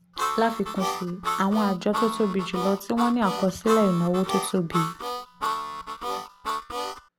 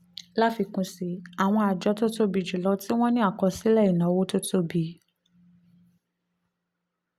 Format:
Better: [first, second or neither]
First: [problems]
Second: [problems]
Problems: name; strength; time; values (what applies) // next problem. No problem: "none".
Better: second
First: background sound (Harmonica); 5 dB below the speech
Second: none